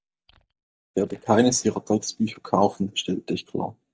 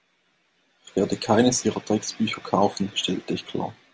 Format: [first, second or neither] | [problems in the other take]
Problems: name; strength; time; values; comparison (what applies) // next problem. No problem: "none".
second | noise reduction (neural mask model DeepFilterNet 3)